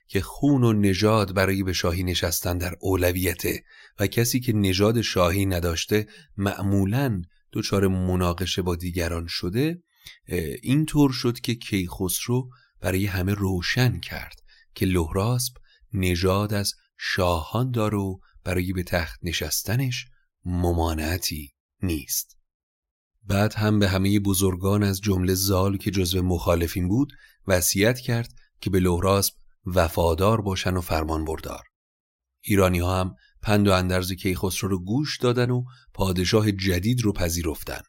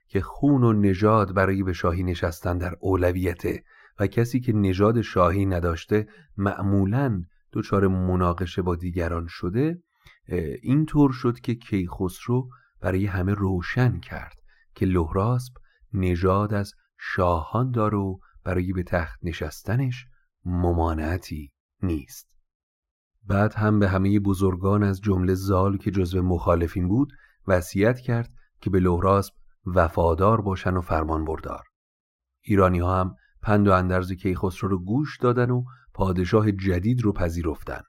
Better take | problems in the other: first | muffled; very; fading above 2.5 kHz

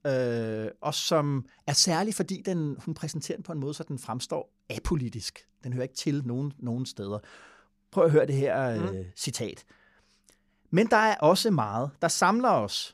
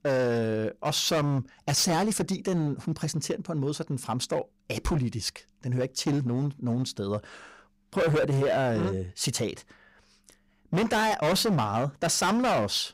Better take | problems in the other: first | distortion; heavy; 14% of the sound clipped

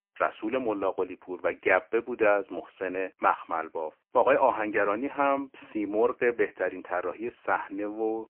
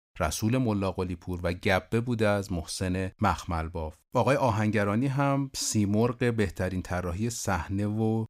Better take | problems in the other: second | phone-call audio; poor line

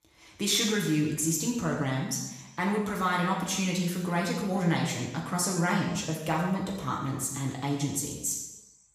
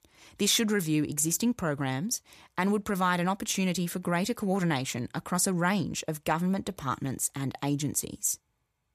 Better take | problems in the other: second | room echo; noticeable; dies away in 0.9 s // off-mic speech; far

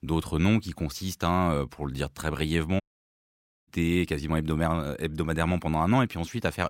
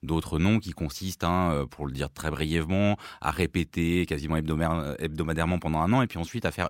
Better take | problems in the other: second | audio cutting out; at 3 s for 1 s

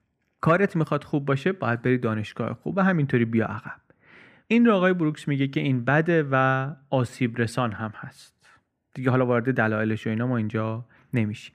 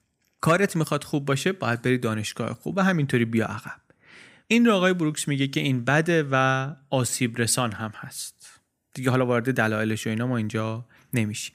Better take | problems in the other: second | muffled; very; fading above 4 kHz

